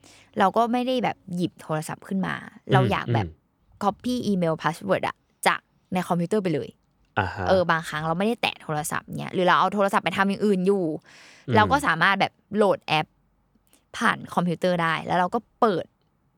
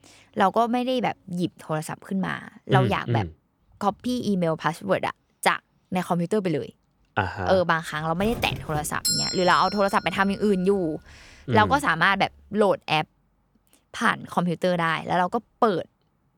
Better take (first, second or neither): first